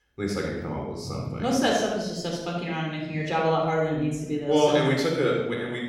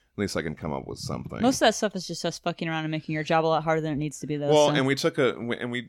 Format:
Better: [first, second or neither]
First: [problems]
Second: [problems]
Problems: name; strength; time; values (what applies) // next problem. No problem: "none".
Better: second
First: off-mic speech; somewhat distant // room echo; noticeable; dies away in 0.8 s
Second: none